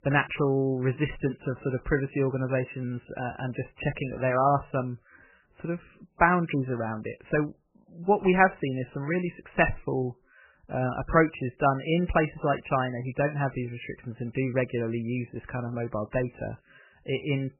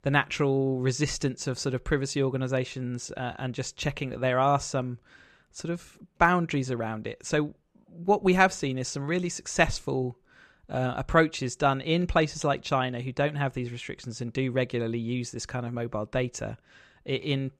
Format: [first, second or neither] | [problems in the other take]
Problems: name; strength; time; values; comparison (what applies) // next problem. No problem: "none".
second | garbled, watery; badly; nothing above 3 kHz